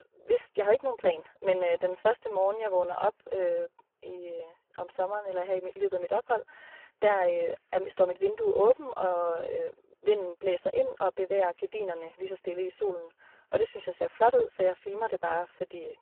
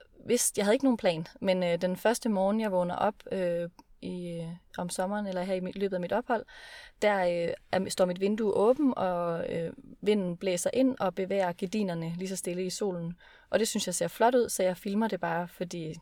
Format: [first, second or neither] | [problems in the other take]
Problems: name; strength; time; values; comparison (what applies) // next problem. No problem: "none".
second | phone-call audio; poor line